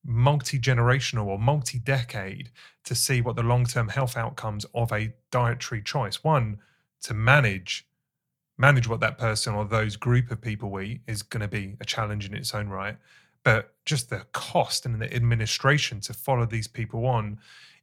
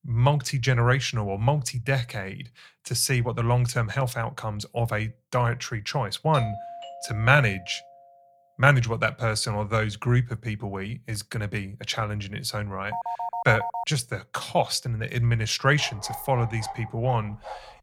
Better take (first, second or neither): first